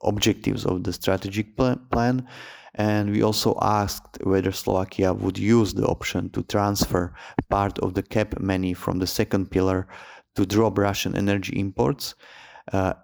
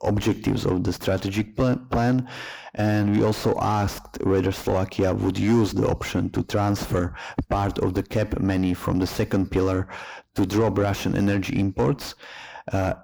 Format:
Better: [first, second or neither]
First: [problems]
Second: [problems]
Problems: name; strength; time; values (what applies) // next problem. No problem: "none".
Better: first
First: none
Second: distortion; heavy; 7 dB below the speech